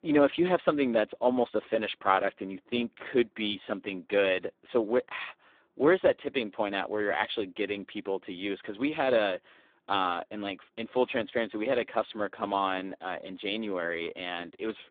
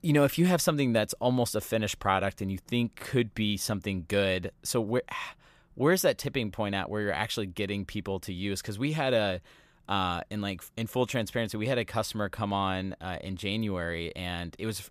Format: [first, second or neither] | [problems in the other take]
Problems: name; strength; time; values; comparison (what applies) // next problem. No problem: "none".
second | phone-call audio; poor line